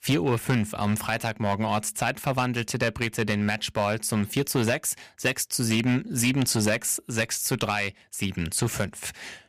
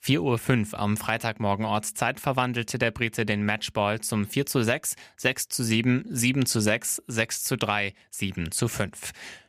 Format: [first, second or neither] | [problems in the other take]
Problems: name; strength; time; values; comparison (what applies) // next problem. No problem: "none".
second | distortion; slight; 4% of the sound clipped